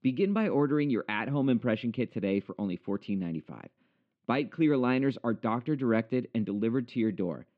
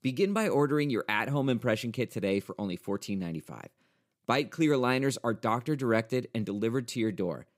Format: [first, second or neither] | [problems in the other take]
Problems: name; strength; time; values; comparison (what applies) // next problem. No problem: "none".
second | muffled; slightly; fading above 3 kHz